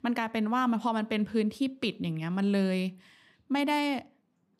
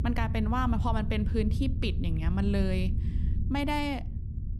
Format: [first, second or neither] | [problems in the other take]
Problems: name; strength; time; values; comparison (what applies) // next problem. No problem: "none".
first | low rumble; noticeable; throughout; 10 dB below the speech